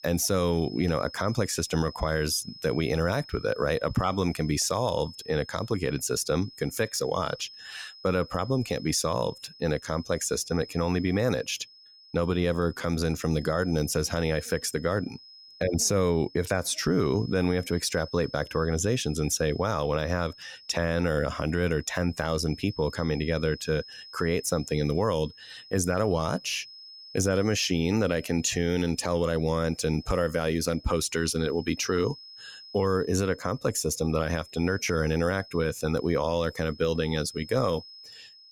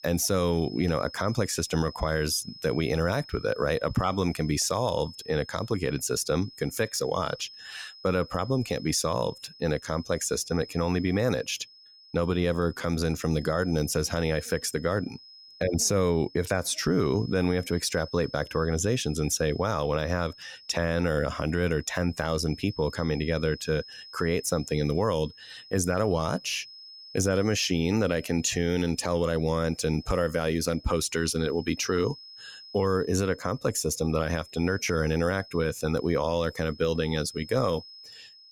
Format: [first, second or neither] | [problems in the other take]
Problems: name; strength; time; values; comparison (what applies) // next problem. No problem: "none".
neither | high-pitched whine; noticeable; throughout; 5 kHz, 20 dB below the speech; the same in both